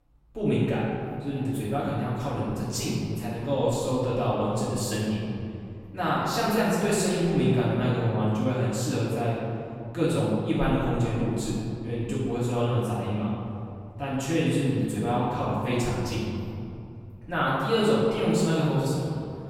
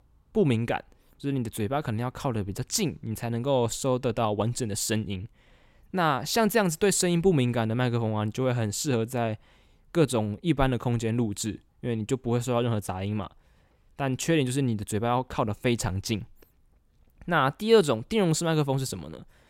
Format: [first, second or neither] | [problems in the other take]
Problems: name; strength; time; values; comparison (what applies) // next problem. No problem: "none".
second | room echo; strong; dies away in 2.5 s // off-mic speech; far